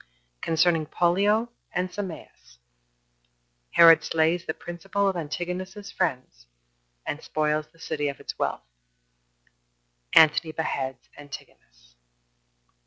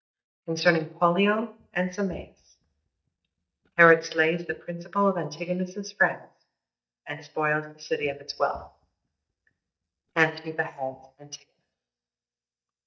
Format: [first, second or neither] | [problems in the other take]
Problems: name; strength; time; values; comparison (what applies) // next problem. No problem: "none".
first | noise reduction (neural mask model DeepFilterNet 3)